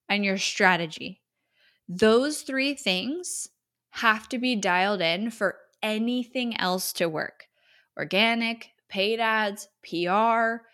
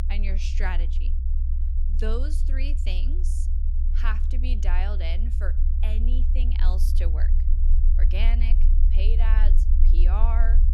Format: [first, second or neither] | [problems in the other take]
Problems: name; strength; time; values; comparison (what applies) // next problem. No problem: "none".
first | low rumble; loud; throughout; 8 dB below the speech